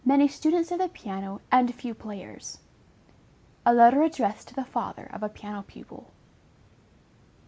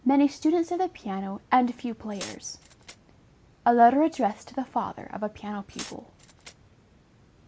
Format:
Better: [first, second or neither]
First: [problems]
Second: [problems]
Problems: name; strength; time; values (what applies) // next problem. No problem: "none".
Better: first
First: none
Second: background sound (Glass); 18 dB below the speech